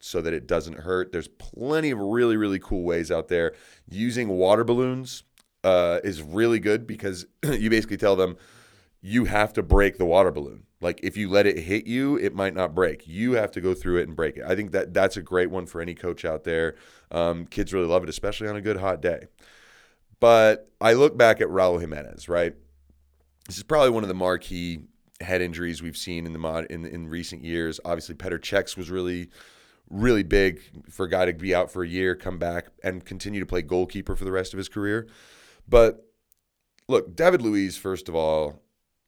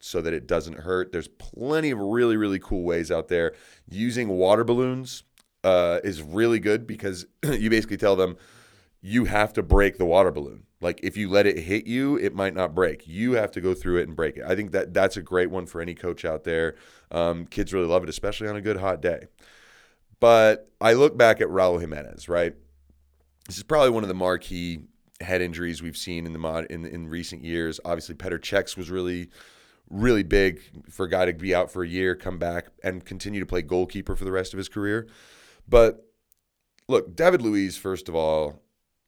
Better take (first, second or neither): neither